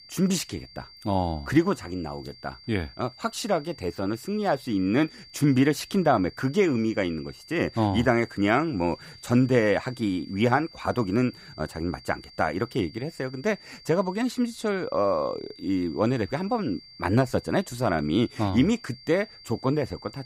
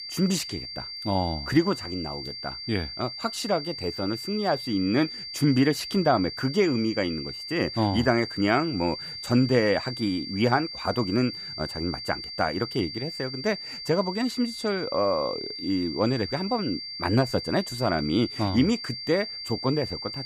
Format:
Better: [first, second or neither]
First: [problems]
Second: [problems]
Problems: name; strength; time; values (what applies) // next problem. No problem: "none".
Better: first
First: high-pitched whine; faint; throughout; 4.5 kHz, 20 dB below the speech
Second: high-pitched whine; loud; throughout; 4.5 kHz, 8 dB below the speech